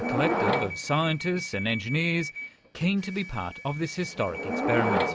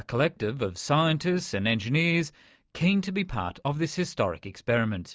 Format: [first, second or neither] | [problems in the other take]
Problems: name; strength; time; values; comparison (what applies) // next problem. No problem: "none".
second | background sound (Subway, metro, underground / Door); 2 dB below the speech